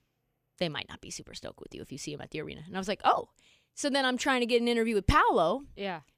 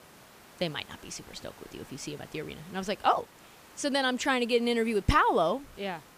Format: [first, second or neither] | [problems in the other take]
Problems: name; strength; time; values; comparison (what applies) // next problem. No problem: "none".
first | hiss; faint; throughout; 25 dB below the speech